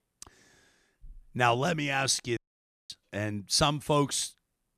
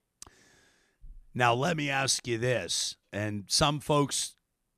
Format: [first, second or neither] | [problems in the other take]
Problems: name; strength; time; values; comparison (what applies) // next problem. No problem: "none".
second | audio cutting out; at 2.5 s for 0.5 s